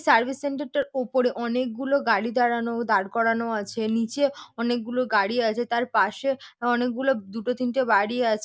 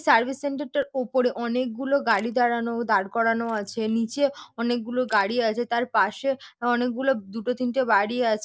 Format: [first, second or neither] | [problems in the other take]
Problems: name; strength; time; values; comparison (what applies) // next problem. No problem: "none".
first | noise reduction (neural separator model SepFormer DNS4)